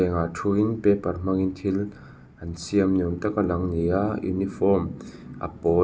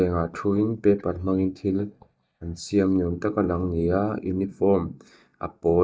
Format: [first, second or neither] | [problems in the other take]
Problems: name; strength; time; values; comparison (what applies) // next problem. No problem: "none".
first | noise reduction (neural mask model DeepFilterNet 3)